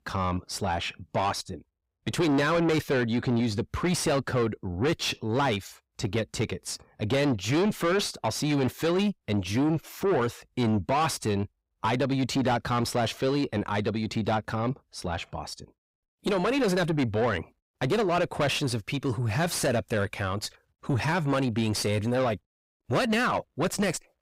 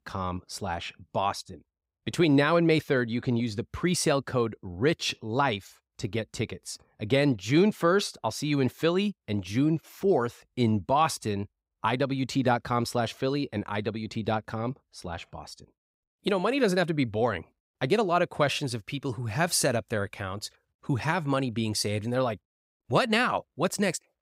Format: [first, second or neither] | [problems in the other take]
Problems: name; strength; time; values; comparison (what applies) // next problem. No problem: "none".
second | distortion; heavy; 7 dB below the speech